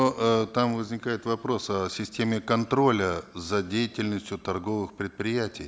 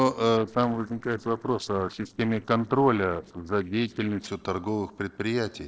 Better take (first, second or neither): first